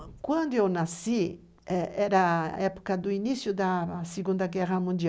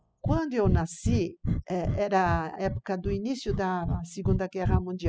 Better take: first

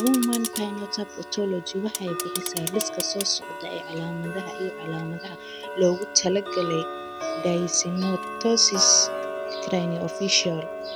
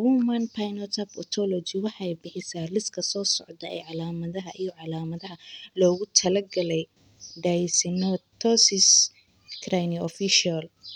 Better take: second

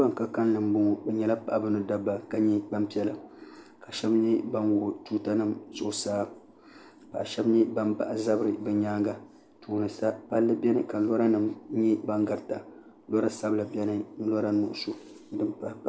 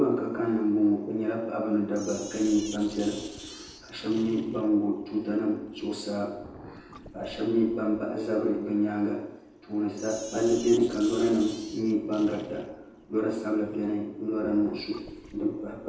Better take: first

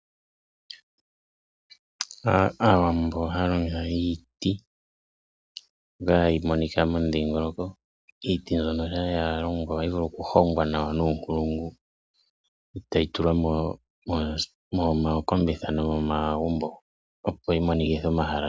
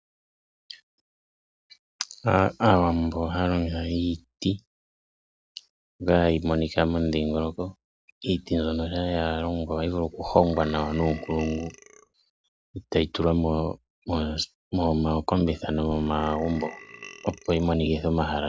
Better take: first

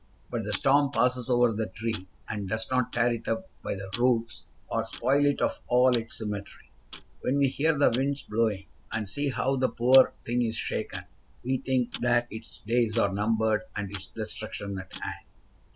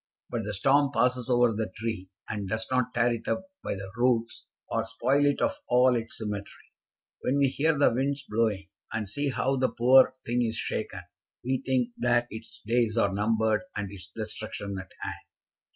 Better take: second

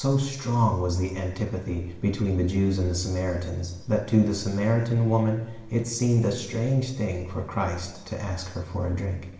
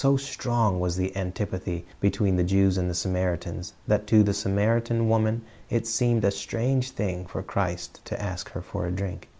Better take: second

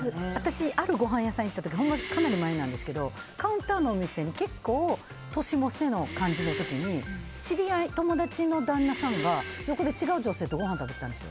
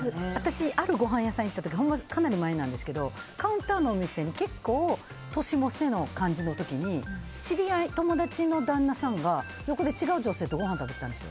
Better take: second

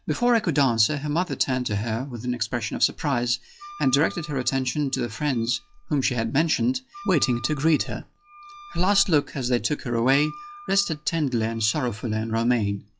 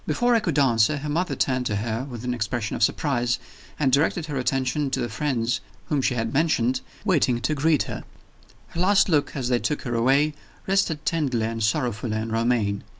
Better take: second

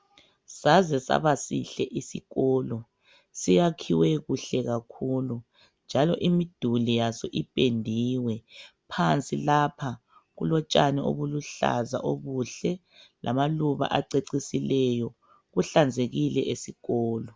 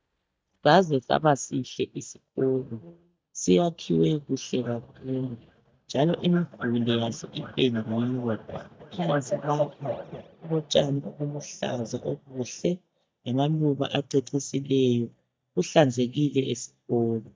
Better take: first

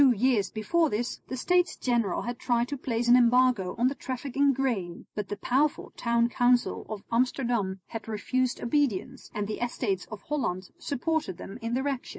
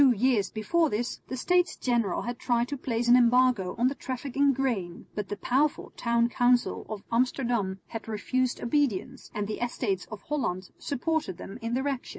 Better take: second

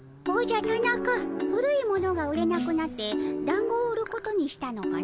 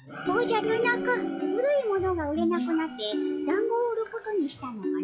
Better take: first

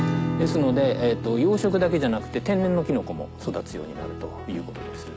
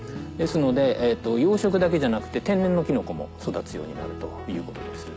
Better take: second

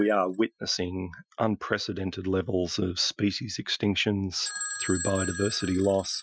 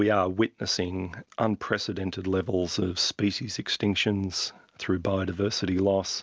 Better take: second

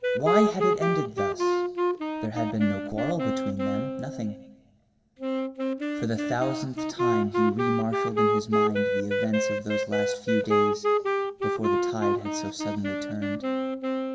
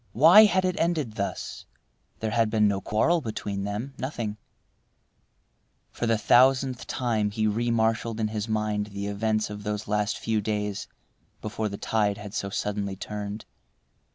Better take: second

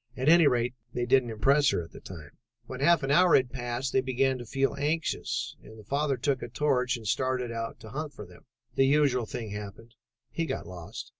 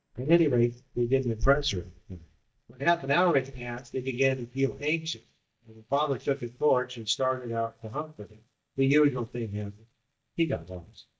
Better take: first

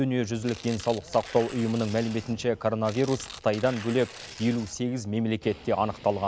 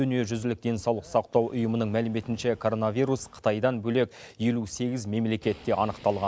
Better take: second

